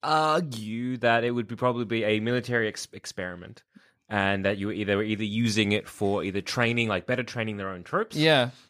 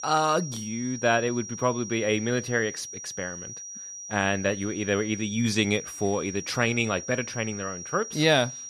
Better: first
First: none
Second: high-pitched whine; loud; throughout; 5.5 kHz, 10 dB below the speech

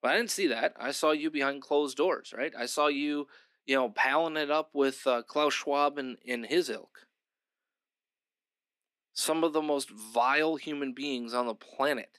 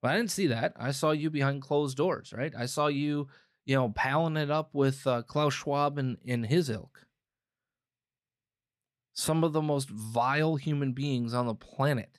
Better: second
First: thin; somewhat; fading below 250 Hz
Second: none

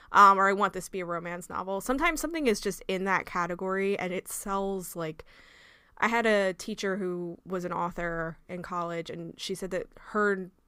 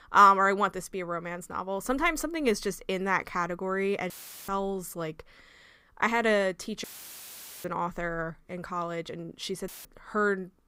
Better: first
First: none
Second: audio cutting out; filled with static; at 4 s, at 7 s for 1 s and at 9.5 s

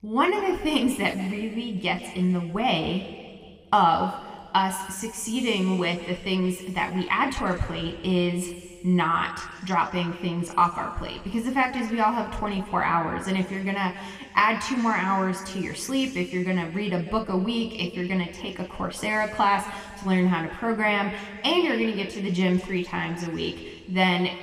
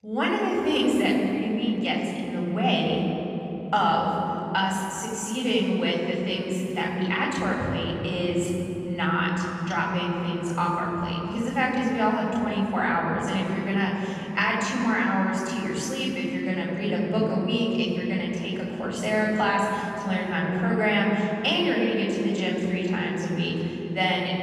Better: first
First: room echo; slight; dies away in 1.9 s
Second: room echo; strong; dies away in 3 s // off-mic speech; far

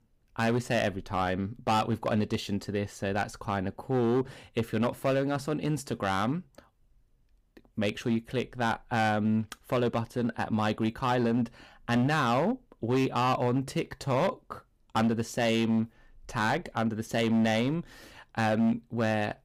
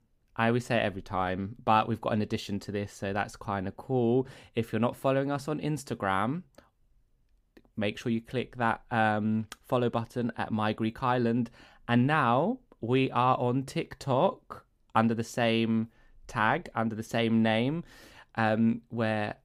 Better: second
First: distortion; slight; 7% of the sound clipped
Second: none

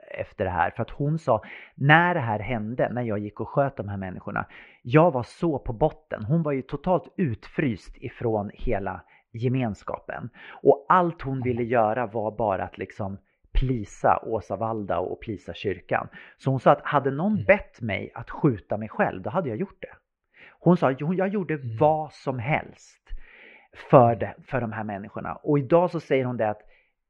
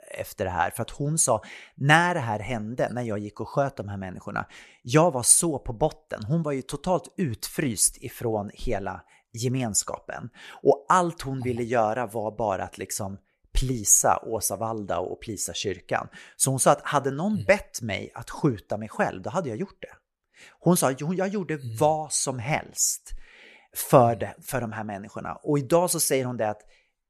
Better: second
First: muffled; very; fading above 2.5 kHz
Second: none

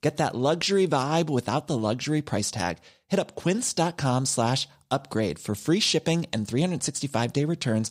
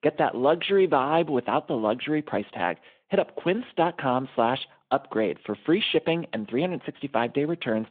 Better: first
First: none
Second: phone-call audio

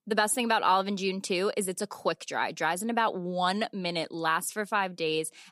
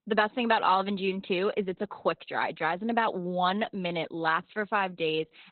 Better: first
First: none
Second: garbled, watery; badly; nothing above 4 kHz

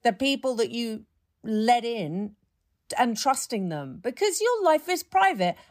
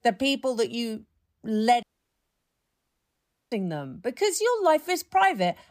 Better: first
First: none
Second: audio cutting out; at 2 s for 1.5 s

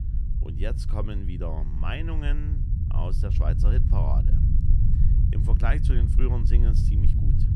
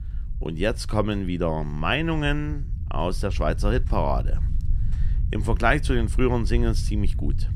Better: second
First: low rumble; loud; throughout; 3 dB below the speech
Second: low rumble; faint; throughout; 20 dB below the speech

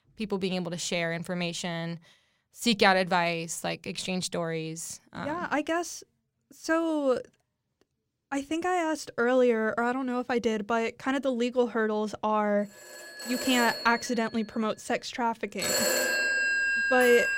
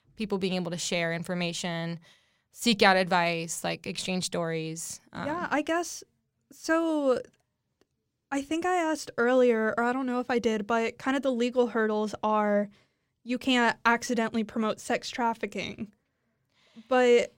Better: second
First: alarms or sirens; very loud; from 13 s on; 1 dB above the speech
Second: none

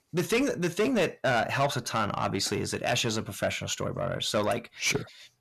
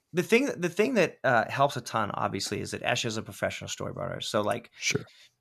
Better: second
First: distortion; heavy; 7 dB below the speech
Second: none

